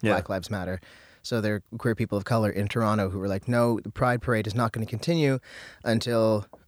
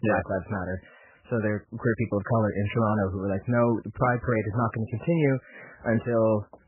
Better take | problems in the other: first | garbled, watery; badly; nothing above 3 kHz

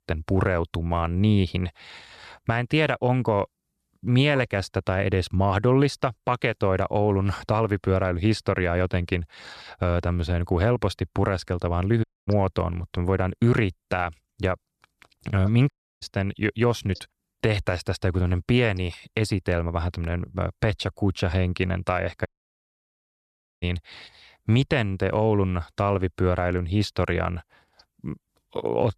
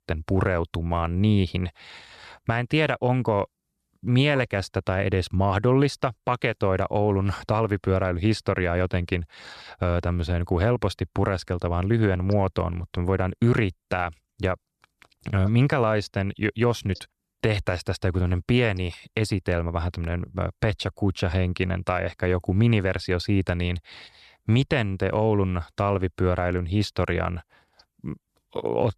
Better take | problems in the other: second | audio cutting out; at 12 s, at 16 s and at 22 s for 1.5 s

